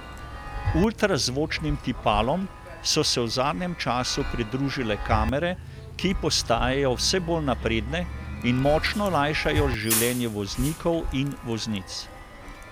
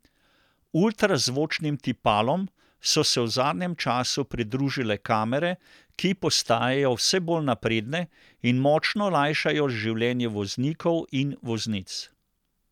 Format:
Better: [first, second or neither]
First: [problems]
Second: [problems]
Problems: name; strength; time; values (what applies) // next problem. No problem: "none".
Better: second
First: background sound (Bus + Chime); 7 dB below the speech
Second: none